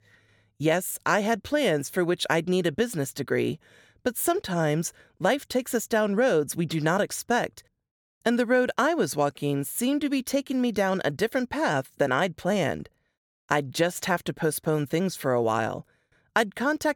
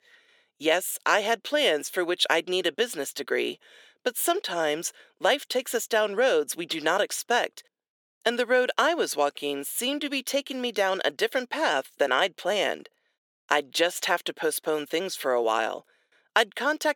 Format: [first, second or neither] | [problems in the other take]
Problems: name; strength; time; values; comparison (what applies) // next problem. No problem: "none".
first | thin; somewhat; fading below 350 Hz